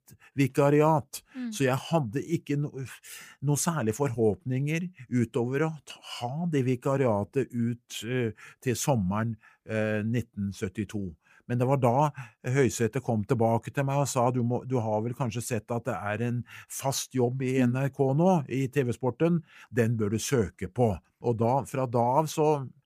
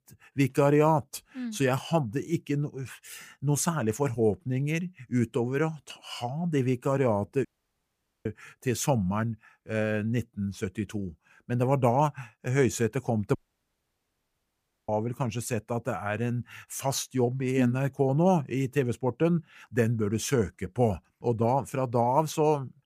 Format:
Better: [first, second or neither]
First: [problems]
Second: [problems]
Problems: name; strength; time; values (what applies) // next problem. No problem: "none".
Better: first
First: none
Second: audio cutting out; at 7.5 s for 1 s and at 13 s for 1.5 s